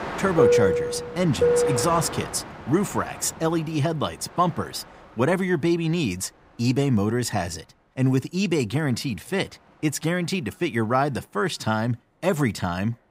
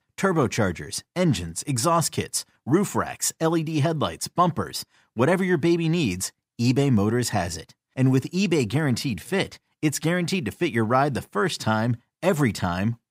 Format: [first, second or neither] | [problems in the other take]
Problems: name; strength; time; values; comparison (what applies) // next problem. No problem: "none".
second | train or aircraft noise; very loud; throughout; 1 dB above the speech